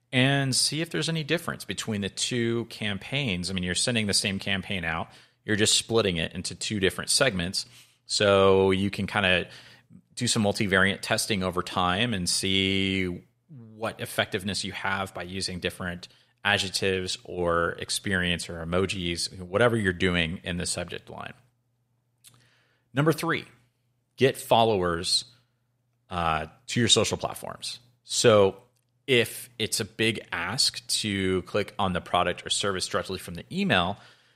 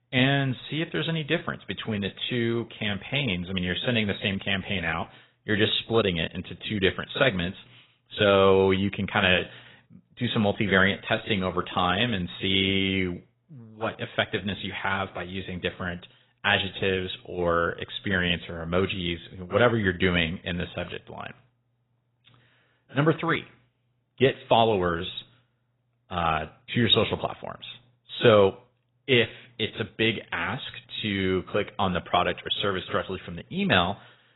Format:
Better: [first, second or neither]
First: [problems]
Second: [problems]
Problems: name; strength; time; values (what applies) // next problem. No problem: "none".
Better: first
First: none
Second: garbled, watery; badly; nothing above 4 kHz